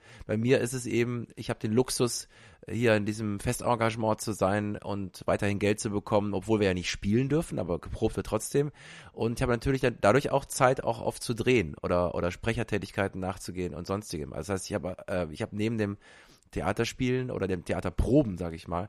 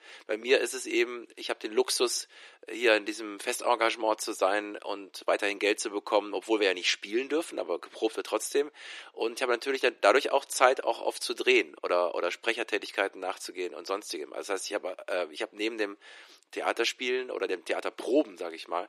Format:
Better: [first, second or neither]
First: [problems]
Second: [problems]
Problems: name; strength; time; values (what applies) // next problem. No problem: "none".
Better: first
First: none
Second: thin; very; fading below 350 Hz